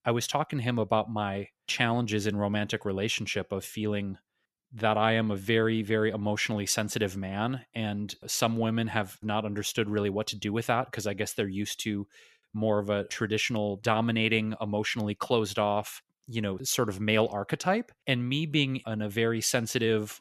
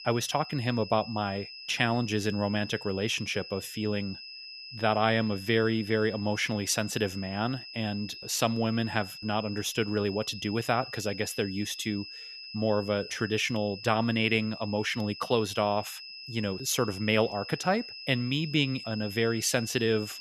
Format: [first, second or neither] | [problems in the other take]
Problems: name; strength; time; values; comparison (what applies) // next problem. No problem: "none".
first | high-pitched whine; noticeable; throughout; 5 kHz, 10 dB below the speech